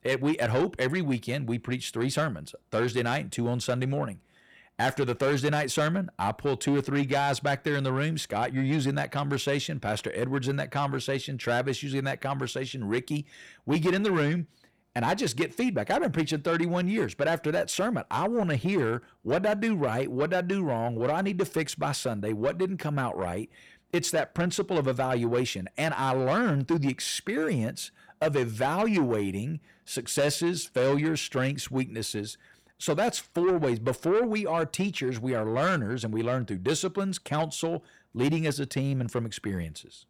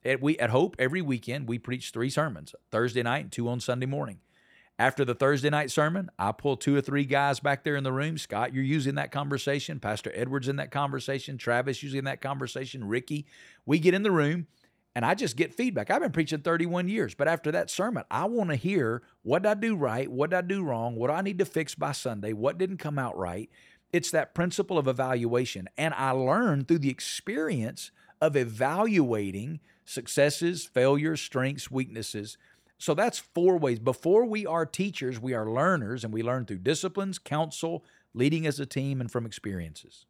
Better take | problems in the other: second | distortion; slight; 10 dB below the speech

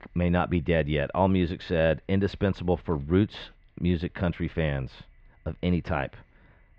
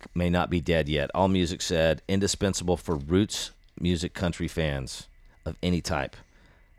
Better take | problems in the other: second | muffled; very; fading above 3 kHz

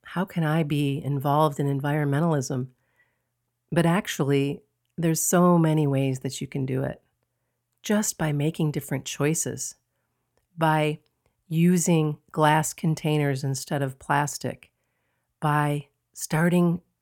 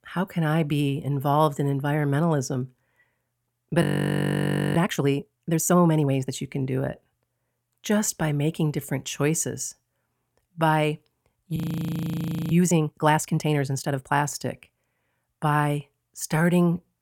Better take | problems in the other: first | audio freezing; at 4 s for 1 s and at 12 s for 1 s

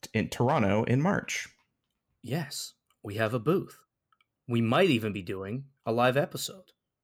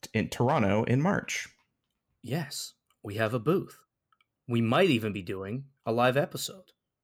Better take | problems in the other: neither | none

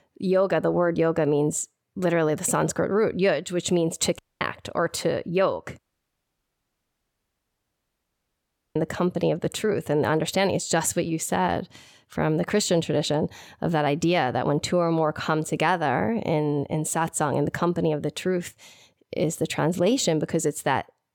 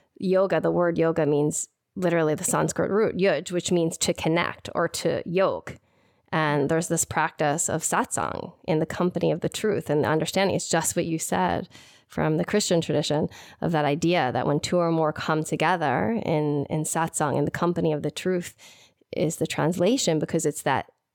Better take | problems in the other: second | audio cutting out; at 4 s and at 6 s for 3 s

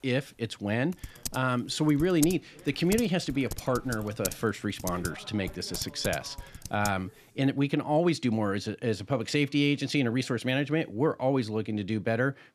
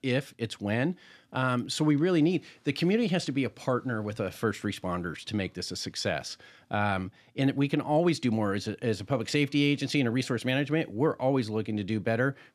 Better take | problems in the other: second | keyboard typing; noticeable; from 1 to 7 s; peak 6 dB below the speech

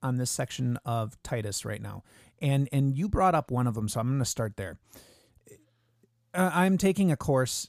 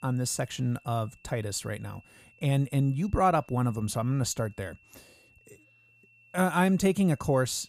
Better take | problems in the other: first | high-pitched whine; faint; throughout; 2.5 kHz, 30 dB below the speech

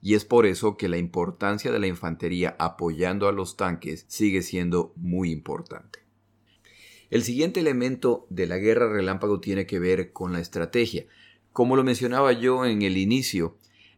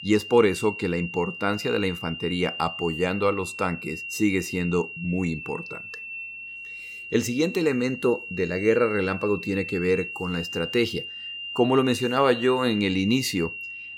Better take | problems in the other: first | high-pitched whine; loud; throughout; 3 kHz, 9 dB below the speech

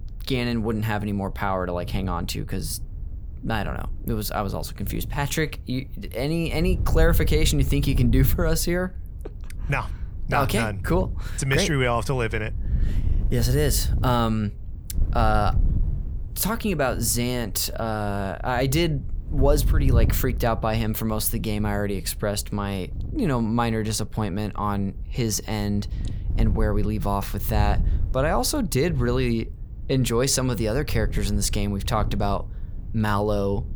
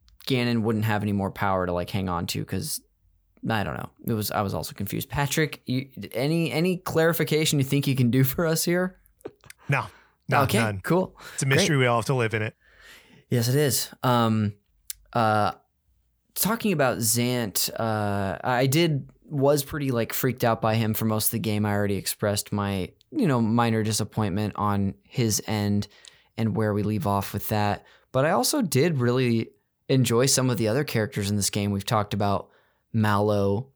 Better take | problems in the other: second | wind noise on the microphone; occasional gusts; 20 dB below the speech

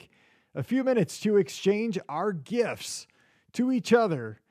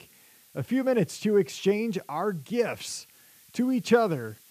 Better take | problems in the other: first | hiss; faint; throughout; 25 dB below the speech

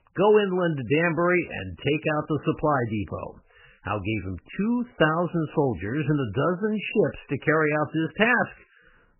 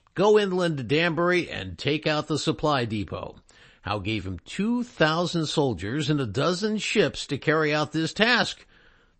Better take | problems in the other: second | garbled, watery; badly; nothing above 3 kHz; slightly in the second

